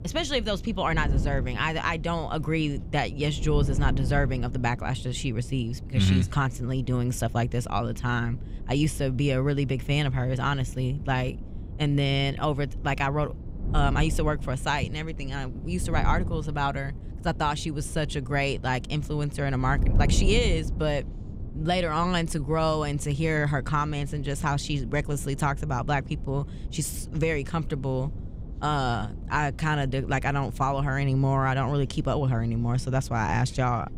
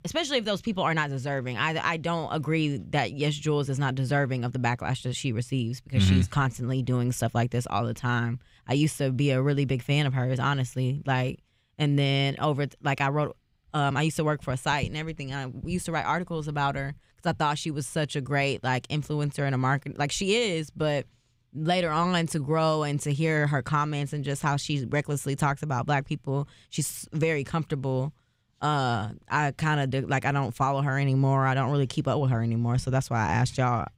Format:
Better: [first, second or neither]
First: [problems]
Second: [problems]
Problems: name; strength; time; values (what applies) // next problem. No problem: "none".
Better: second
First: wind noise on the microphone; occasional gusts; 20 dB below the speech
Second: none